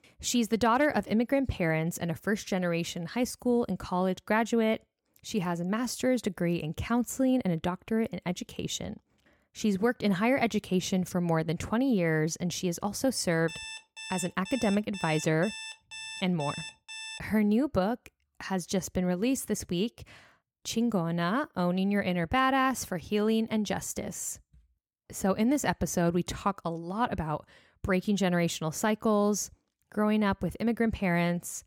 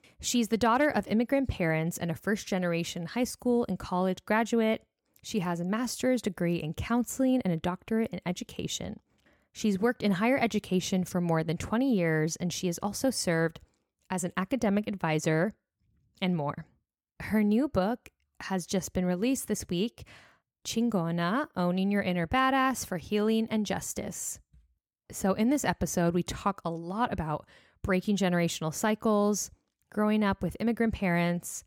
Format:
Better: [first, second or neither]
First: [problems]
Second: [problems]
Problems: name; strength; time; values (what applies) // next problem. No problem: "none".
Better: second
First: alarm; noticeable; from 13 to 17 s; peak 10 dB below the speech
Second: none